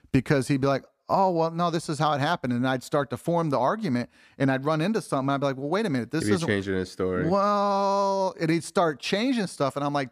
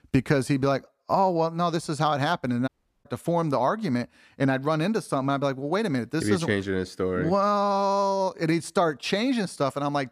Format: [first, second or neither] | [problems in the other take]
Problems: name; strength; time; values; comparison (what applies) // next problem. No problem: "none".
first | audio cutting out; at 2.5 s